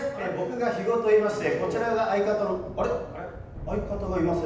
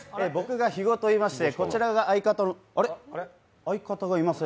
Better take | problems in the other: second | background sound (Thunder / Rain); 14 dB below the speech // room echo; dies away in 0.9 s

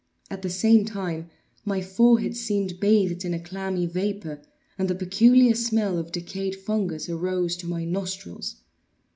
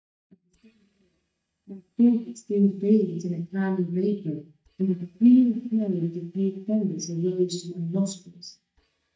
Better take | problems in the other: first | noise reduction (neural mask model DeepFilterNet 3)

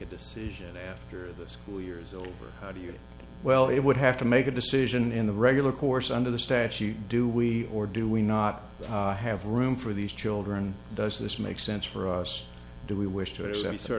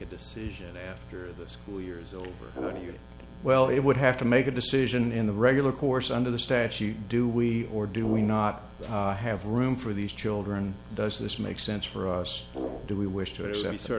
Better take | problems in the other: first | background sound (Brass instrument); 12 dB below the speech

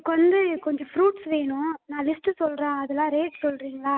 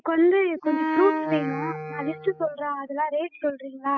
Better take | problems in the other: first | noise reduction (classical method spectral subtraction)

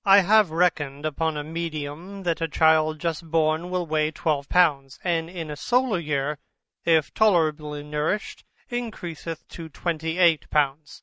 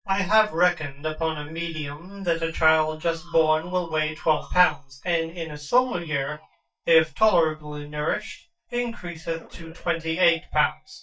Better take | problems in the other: first | noise reduction (neural mask model DeepFilterNet 3)

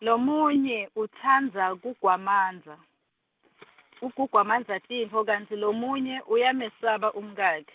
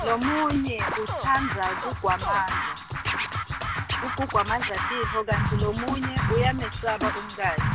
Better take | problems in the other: first | background sound (Scratching (performance technique)); as loud as the speech

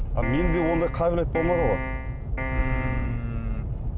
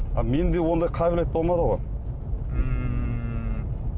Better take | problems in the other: second | background sound (Piano); 9 dB below the speech

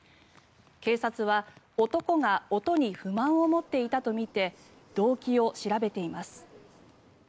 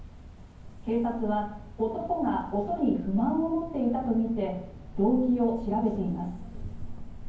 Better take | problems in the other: first | background sound (Cricket); 12 dB below the speech // room echo; dies away in 0.9 s

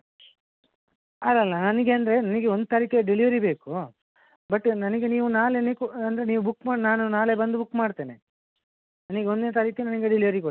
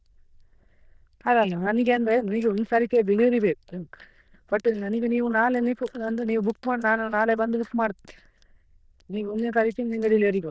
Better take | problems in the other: first | noise reduction (neural diffusion model UNIVERSE++)

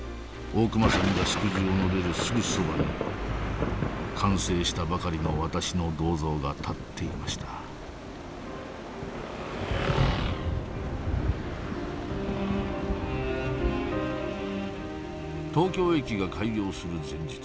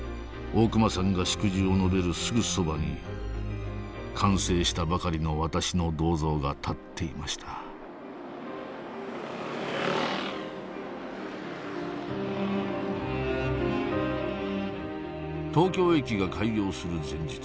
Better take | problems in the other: second | background sound (Thunder / Rain); 4 dB below the speech

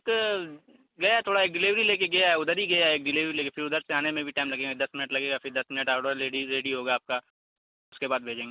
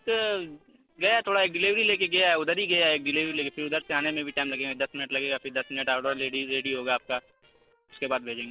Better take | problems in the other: first | noise reduction (neural separator model SepFormer DNS4)

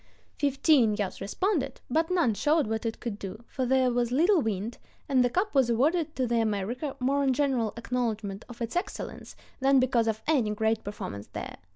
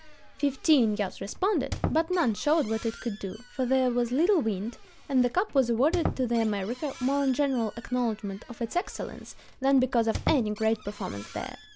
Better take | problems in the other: first | background sound (Squeak); 13 dB below the speech

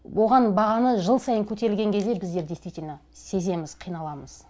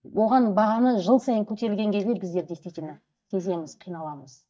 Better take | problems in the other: first | noise reduction (neural mask model DeepFilterNet 3)

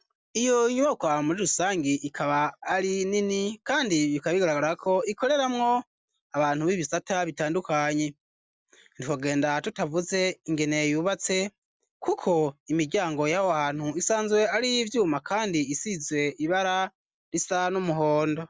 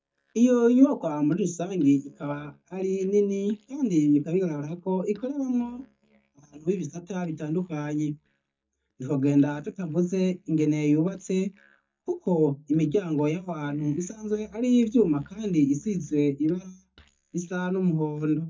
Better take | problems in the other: first | noise reduction (neural mask model DeepFilterNet 3)

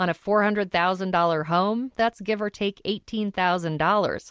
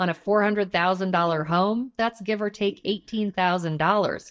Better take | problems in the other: first | noise reduction (neural mask model DeepFilterNet 3)

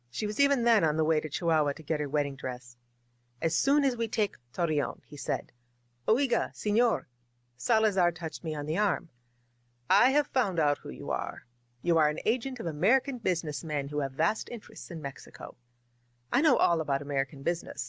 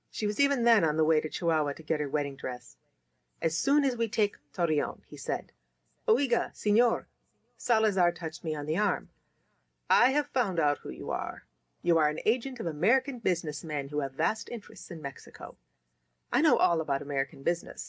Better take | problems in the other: first | room echo; dies away in 0.3 s

